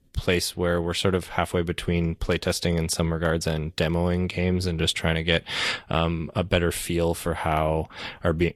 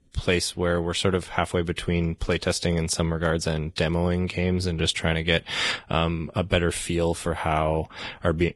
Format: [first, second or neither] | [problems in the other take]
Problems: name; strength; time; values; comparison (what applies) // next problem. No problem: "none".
first | garbled, watery; badly; nothing above 10.5 kHz; slightly in the first